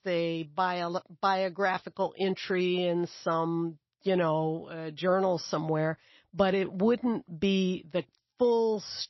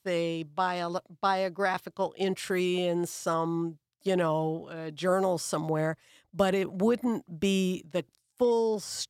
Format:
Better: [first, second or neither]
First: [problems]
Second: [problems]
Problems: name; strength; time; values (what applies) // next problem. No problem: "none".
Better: second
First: garbled, watery; slightly; nothing above 6 kHz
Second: none